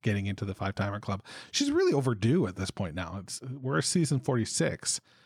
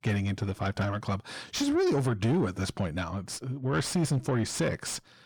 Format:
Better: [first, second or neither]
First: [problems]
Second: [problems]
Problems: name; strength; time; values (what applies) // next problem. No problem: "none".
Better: first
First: none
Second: distortion; slight; 10 dB below the speech